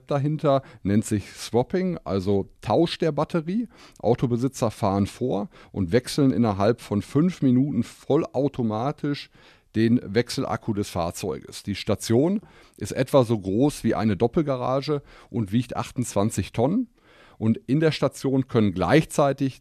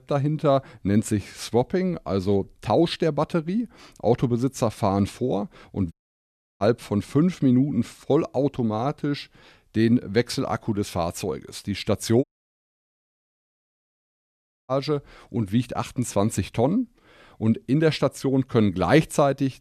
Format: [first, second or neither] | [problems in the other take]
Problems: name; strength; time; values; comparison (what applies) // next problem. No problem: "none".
first | audio cutting out; at 6 s for 0.5 s and at 12 s for 2.5 s